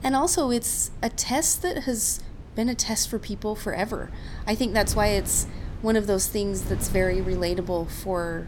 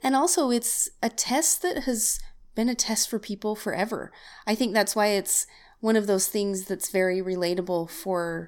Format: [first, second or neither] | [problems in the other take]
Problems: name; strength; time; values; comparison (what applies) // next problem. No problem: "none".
second | wind noise on the microphone; occasional gusts; 20 dB below the speech